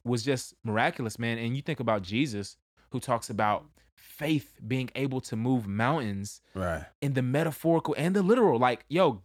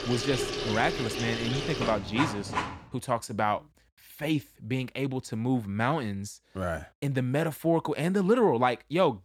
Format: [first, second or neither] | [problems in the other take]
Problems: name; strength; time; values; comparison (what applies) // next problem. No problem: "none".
first | household noises; loud; until 2.5 s; 3 dB below the speech